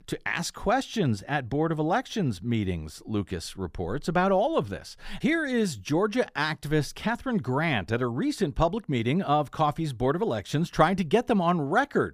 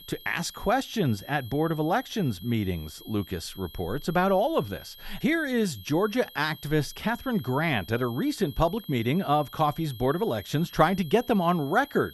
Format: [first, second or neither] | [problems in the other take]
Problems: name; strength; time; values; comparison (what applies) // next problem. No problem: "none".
first | high-pitched whine; noticeable; throughout; 3.5 kHz, 20 dB below the speech